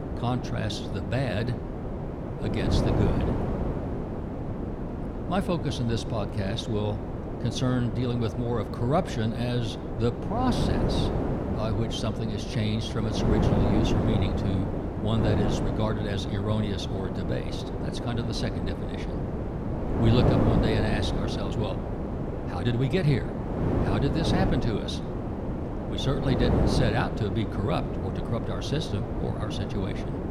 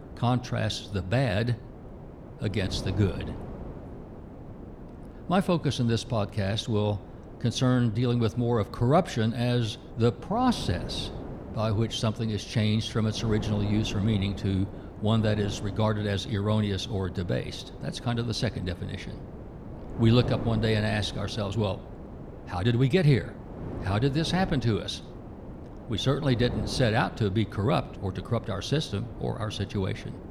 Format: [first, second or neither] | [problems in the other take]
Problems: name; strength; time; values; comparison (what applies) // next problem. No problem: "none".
second | wind noise on the microphone; heavy; 1 dB below the speech; occasional gusts in the second